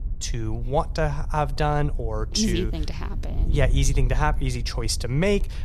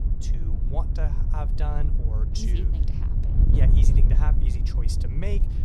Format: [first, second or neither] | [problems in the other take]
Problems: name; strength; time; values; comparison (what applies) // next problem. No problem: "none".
first | wind noise on the microphone; heavy; 2 dB below the speech; occasional gusts in the first